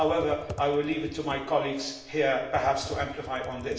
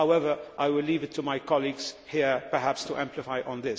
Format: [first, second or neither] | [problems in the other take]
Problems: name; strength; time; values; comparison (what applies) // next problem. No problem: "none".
second | background sound (Computer keyboard); 15 dB below the speech // room echo; dies away in 0.6 s